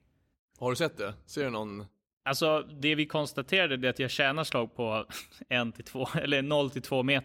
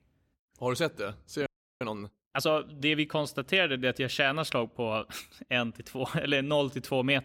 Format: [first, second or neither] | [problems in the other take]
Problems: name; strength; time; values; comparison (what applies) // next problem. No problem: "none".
first | audio freezing; at 1.5 s